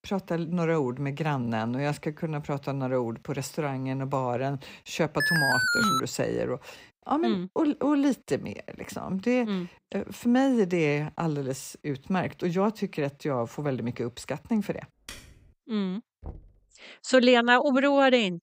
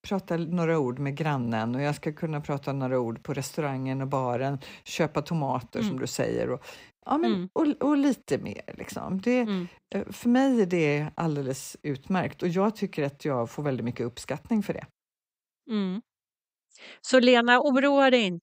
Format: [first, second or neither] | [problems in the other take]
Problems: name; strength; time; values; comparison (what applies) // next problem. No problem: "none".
second | alarm; loud; at 5 s; peak 4 dB above the speech // keyboard typing; faint; at 15 s; peak 15 dB below the speech // door banging; faint; at 16 s; peak 20 dB below the speech